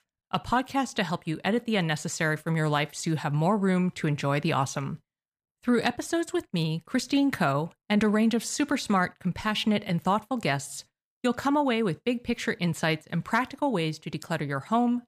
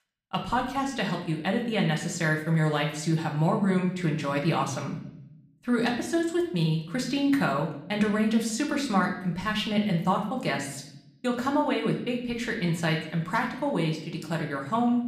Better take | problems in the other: first | room echo; slight; dies away in 0.7 s // off-mic speech; somewhat distant

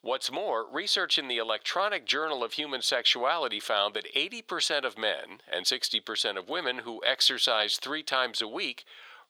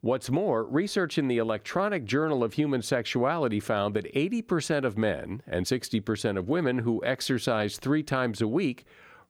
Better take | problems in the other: second | thin; very; fading below 750 Hz

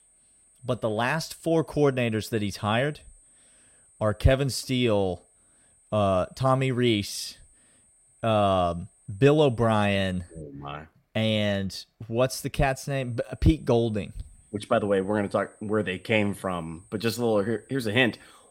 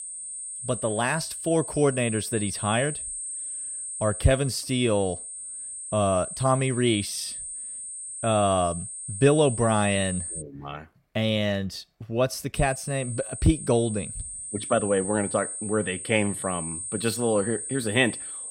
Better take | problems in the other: first | high-pitched whine; loud; until 10 s and from 13 s on; 8.5 kHz, 7 dB below the speech; faint in the first

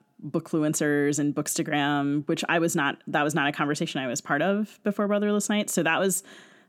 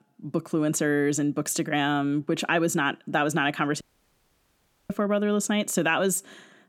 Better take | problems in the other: first | audio cutting out; at 4 s for 1 s

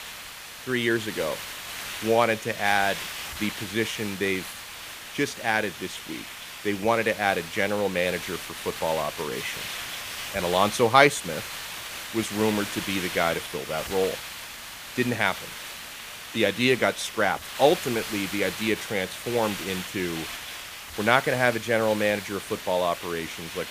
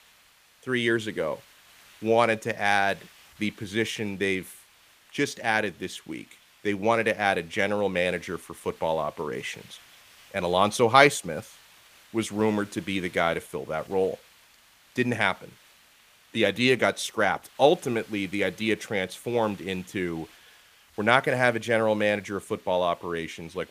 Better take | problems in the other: second | hiss; loud; throughout; 9 dB below the speech; faint in the second

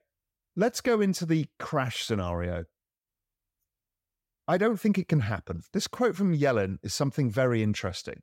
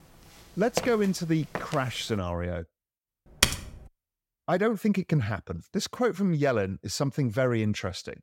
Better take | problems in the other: first | footsteps; noticeable; at 1 s; peak 6 dB below the speech // keyboard typing; loud; at 3.5 s; peak 4 dB above the speech

